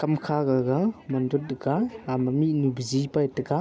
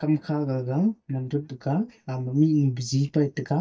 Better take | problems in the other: first | noise reduction (neural mask model DeepFilterNet 3)

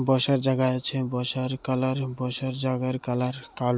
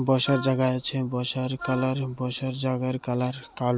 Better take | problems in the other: first | background sound (Wind instrument, woodwind instrument); 14 dB below the speech

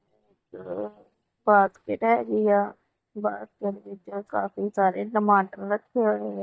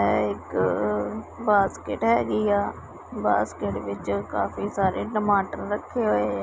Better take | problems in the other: second | noise reduction (neural mask model DeepFilterNet 3)

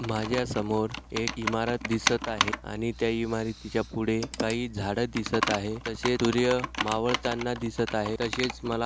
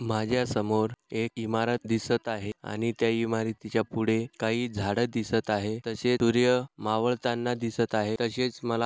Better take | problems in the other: second | background sound (Computer keyboard); 6 dB below the speech

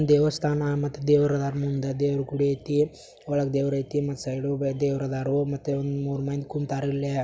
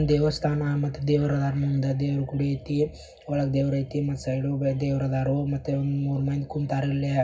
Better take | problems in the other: first | room echo; dies away in 0.4 s

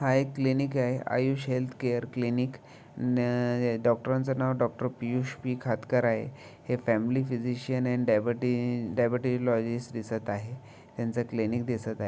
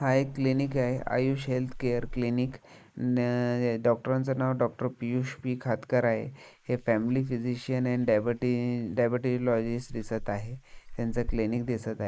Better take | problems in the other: first | noise reduction (neural mask model Resemble Enhance denoiser)

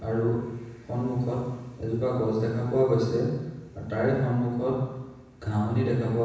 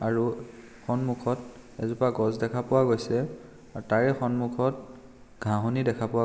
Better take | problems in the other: second | room echo; dies away in 1.1 s

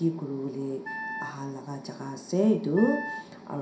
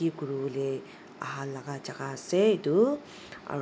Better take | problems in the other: second | background sound (Wind instrument, woodwind instrument); 9 dB below the speech // room echo; dies away in 0.5 s

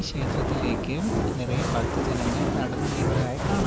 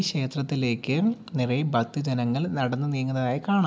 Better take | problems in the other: second | background sound (Fire); 3 dB above the speech

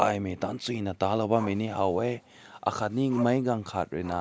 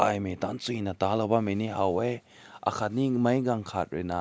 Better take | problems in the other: second | background sound (Growling); 19 dB below the speech

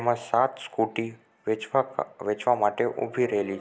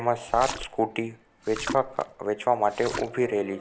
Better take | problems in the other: first | background sound (Splash, splatter); 12 dB below the speech

